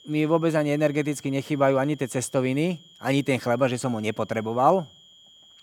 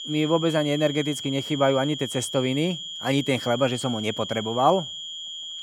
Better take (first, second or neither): first